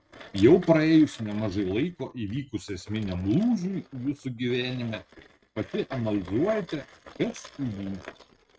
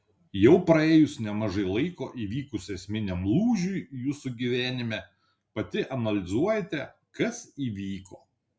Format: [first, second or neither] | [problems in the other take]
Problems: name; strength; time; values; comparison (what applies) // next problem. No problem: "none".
second | noise reduction (neural mask model RNNoise)